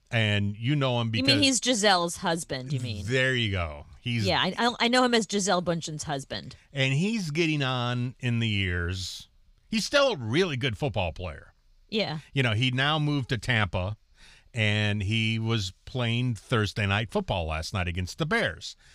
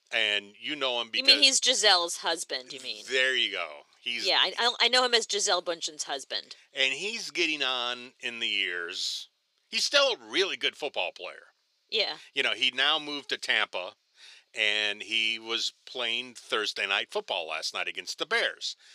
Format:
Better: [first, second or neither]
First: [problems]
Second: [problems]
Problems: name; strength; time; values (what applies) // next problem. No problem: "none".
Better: first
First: none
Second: thin; very; fading below 350 Hz